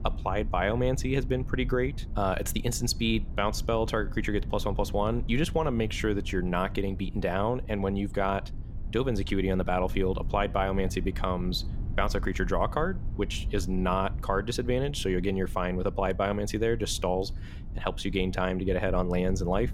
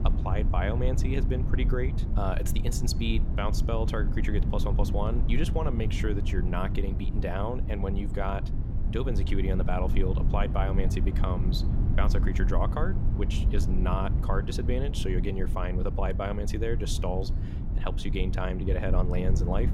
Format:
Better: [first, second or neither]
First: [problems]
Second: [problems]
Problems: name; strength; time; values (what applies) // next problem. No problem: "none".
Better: first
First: low rumble; faint; throughout; 20 dB below the speech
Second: low rumble; loud; throughout; 8 dB below the speech